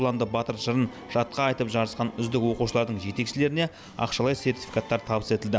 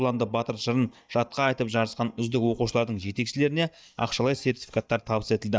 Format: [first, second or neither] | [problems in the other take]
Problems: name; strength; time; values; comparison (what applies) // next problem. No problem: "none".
first | noise reduction (neural mask model DeepFilterNet 3)